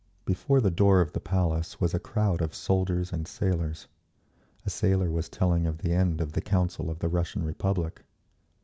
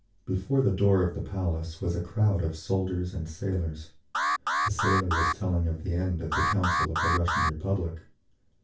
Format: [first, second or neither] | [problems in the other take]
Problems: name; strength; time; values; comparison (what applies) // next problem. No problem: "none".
first | background sound (Alarm); 1 dB below the speech // room echo; dies away in 0.2 s